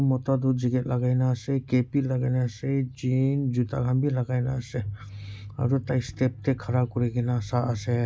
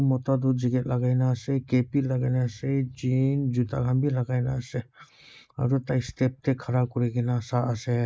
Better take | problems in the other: first | noise reduction (neural mask model Resemble Enhance denoiser)

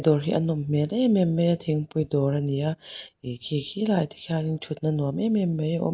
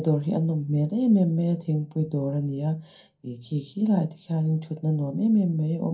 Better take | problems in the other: first | room echo; dies away in 0.3 s

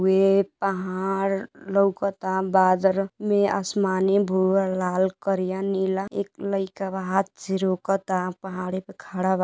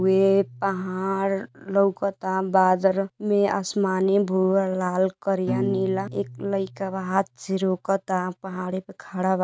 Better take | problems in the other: first | noise reduction (neural mask model RNNoise)

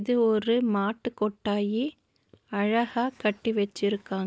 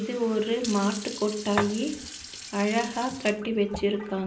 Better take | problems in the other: first | background sound (Fill (with liquid) / Sink (filling or washing)); 11 dB below the speech // room echo; dies away in 0.5 s

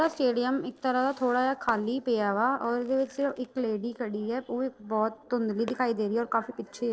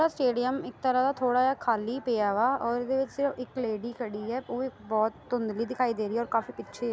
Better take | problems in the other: second | noise reduction (neural separator model SepFormer DNS4)

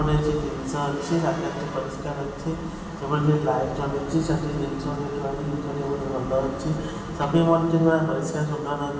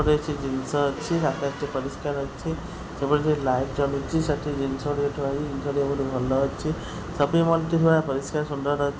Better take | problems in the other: second | room echo; dies away in 1.3 s

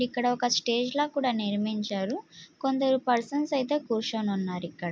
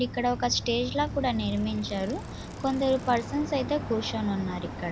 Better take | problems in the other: first | background sound (Bicycle); 9 dB below the speech

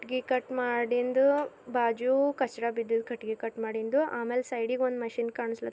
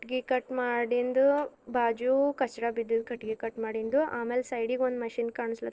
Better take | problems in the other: first | noise reduction (neural separator model SepFormer DNS4)

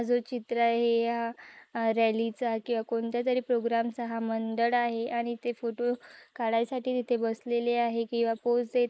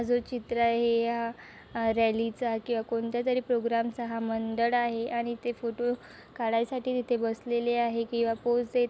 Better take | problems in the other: second | noise reduction (neural mask model Resemble Enhance denoiser)

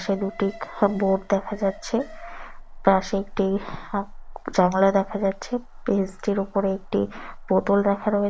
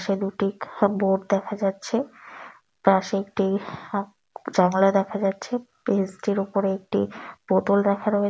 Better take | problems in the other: second | background sound (Alarm); 16 dB below the speech

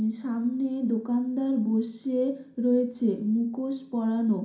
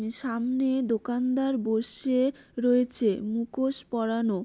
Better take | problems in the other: second | room echo; dies away in 0.5 s

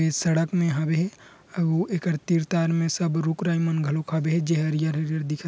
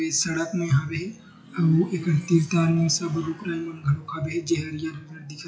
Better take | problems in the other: first | noise reduction (classical method WPE with log-MMSE)

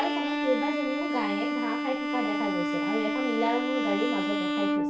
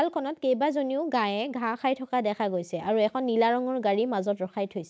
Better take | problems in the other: second | background sound (Bowed string instrument); 3 dB above the speech // room echo; dies away in 0.3 s

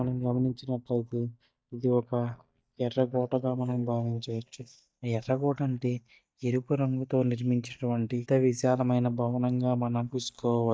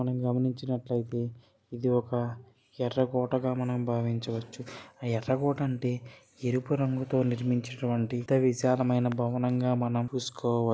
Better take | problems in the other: second | noise reduction (neural mask model DeepFilterNet 3)

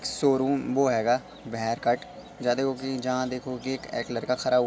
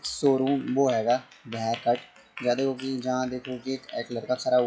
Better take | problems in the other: first | noise reduction (classical method log-MMSE)

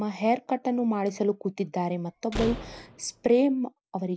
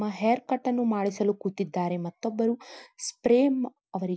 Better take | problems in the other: second | background sound (Slam); 11 dB below the speech

